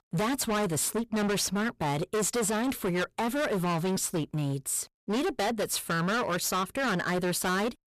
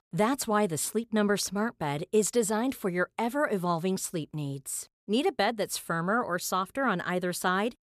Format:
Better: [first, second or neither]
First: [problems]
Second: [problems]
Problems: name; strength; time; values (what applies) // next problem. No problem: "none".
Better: second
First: distortion; heavy; 29% of the sound clipped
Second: none